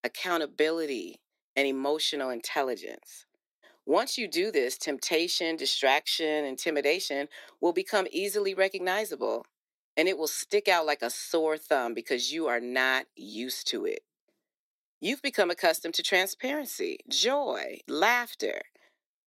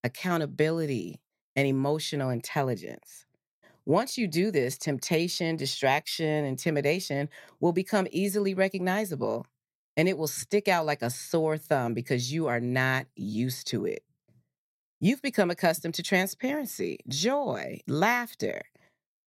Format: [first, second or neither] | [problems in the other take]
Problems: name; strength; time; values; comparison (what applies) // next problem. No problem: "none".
second | thin; somewhat; fading below 300 Hz